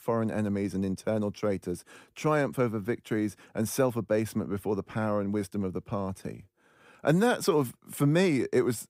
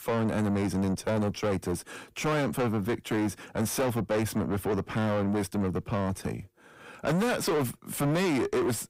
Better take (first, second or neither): first